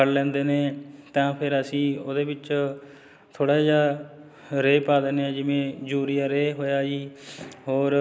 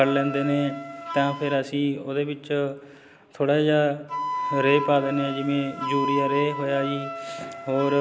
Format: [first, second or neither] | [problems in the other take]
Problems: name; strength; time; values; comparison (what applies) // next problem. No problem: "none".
first | background sound (Wind instrument, woodwind instrument); 8 dB below the speech